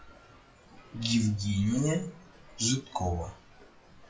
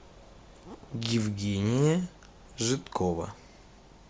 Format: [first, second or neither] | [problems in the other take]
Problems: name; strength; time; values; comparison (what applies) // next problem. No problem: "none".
second | noise reduction (classical method WPE with log-MMSE)